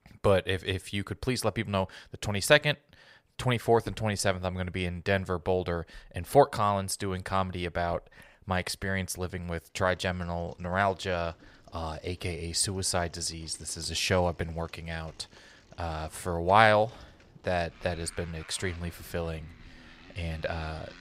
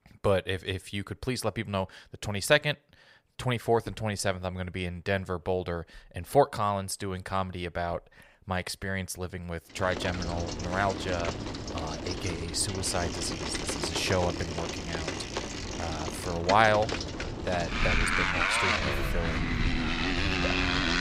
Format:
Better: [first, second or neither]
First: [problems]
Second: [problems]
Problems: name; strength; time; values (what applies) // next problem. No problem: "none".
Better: first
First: traffic noise; faint; from 10 s on; 25 dB below the speech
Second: traffic noise; loud; from 10 s on; as loud as the speech